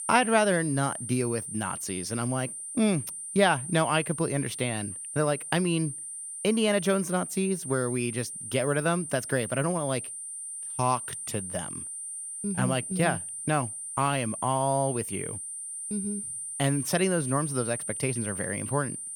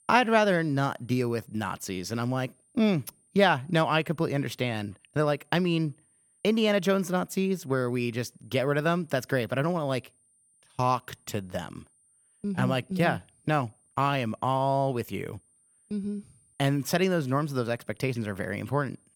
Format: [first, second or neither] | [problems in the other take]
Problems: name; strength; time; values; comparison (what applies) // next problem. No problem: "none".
second | high-pitched whine; loud; throughout; 9 kHz, 6 dB below the speech; faint in the second